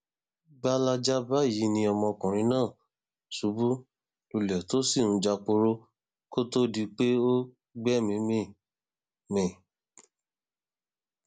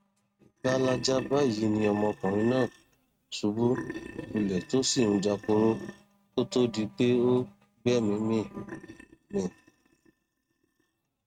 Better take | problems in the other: first | noise reduction (neural mask model RNNoise)

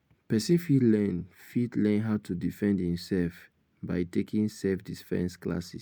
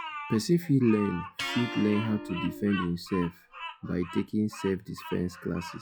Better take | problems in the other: first | noise reduction (classical method log-MMSE)

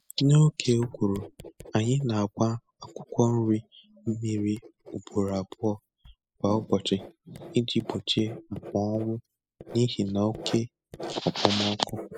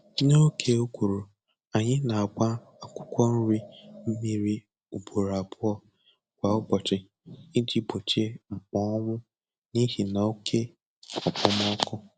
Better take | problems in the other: second | noise reduction (classical method spectral subtraction)

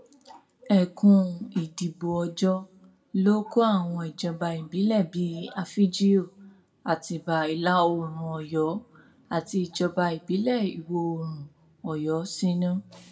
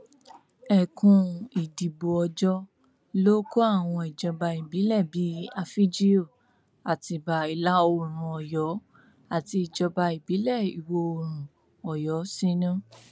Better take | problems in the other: second | room echo; dies away in 0.3 s

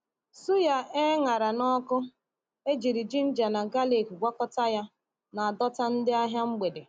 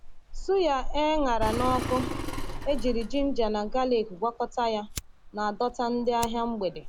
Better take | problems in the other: first | background sound (Fire + Engine); 5 dB below the speech

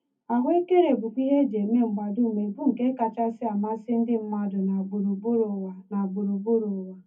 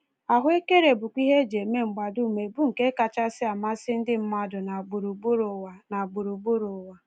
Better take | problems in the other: second | room echo; dies away in 0.3 s

